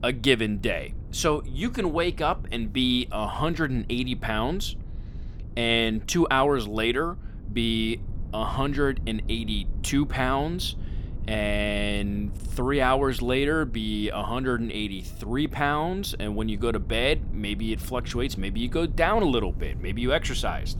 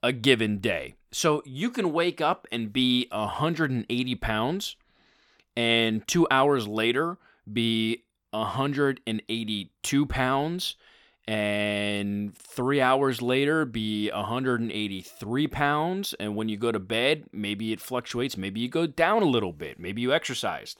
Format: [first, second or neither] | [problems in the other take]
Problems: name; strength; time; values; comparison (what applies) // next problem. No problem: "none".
second | low rumble; faint; throughout; 25 dB below the speech